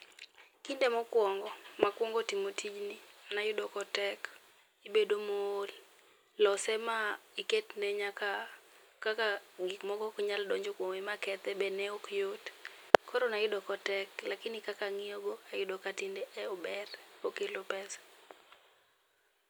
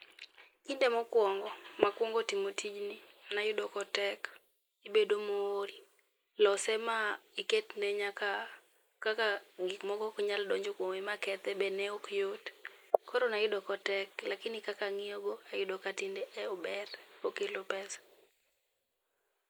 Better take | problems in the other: first | noise reduction (neural mask model Resemble Enhance denoiser)

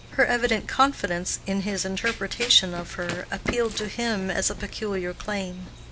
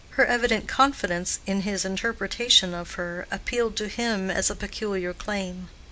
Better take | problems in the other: second | background sound (Run); 13 dB below the speech

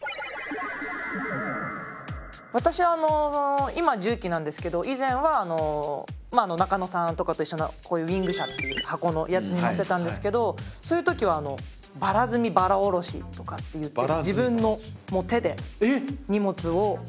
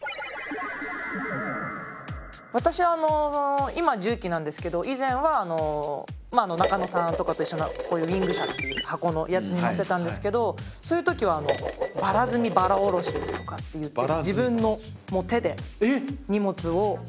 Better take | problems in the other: first | background sound (Dishes, pots, and pans); 6 dB below the speech

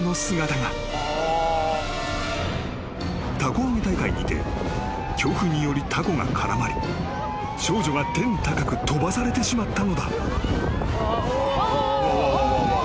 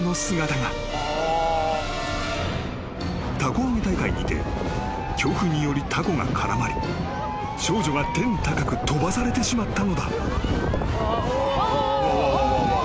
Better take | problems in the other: first | background sound (Zipper (clothing)); 14 dB below the speech

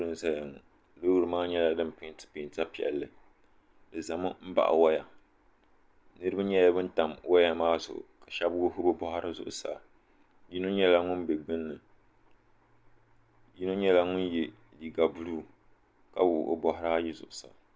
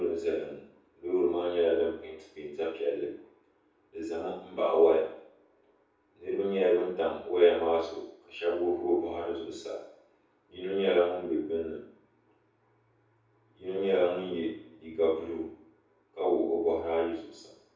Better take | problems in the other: first | room echo; dies away in 0.6 s

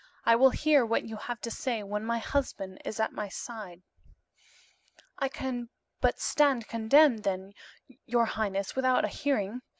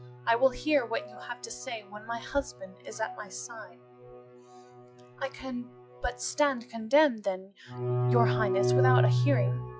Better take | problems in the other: first | noise reduction (classical method log-MMSE)

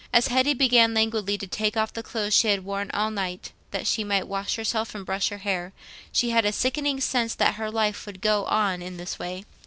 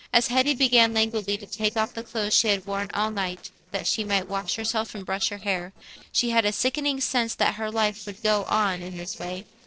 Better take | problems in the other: first | noise reduction (neural separator model SepFormer DNS4)

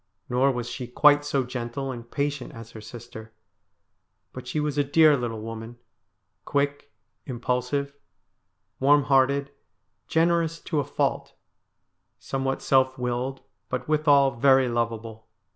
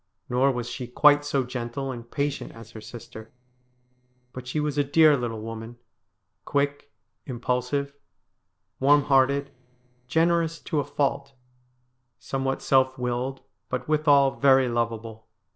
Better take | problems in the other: first | noise reduction (neural separator model SepFormer DNS4)

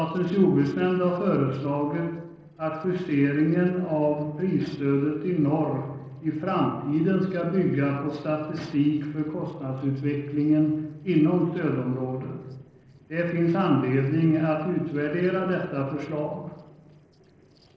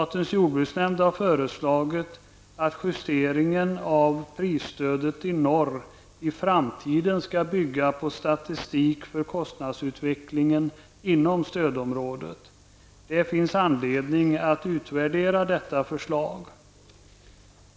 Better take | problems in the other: second | noise reduction (neural separator model SepFormer DNS4)

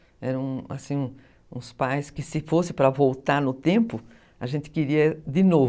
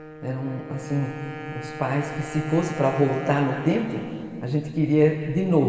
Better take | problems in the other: first | background sound (Wind instrument, woodwind instrument); 13 dB below the speech // room echo; dies away in 2.4 s

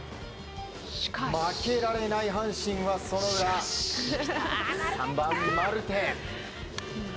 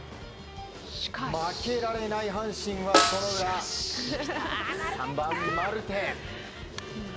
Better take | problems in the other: first | background sound (Snare drum); 3 dB above the speech

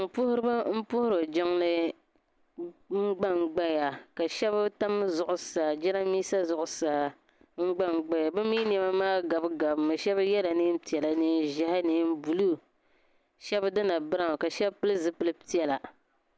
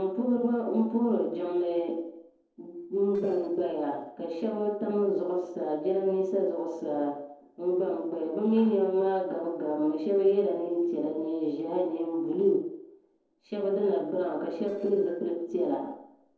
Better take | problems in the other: first | noise reduction (neural separator model SepFormer DNS4)

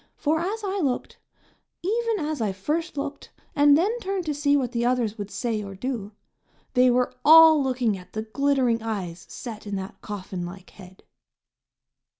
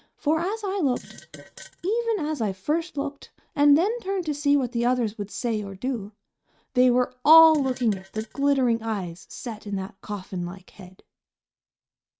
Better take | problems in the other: first | noise reduction (neural mask model RNNoise)

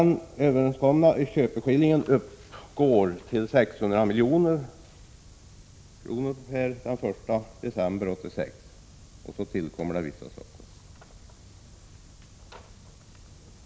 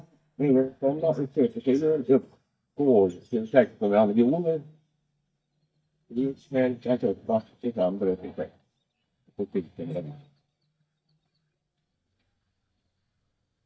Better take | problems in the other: first | noise reduction (neural mask model DeepFilterNet 3)

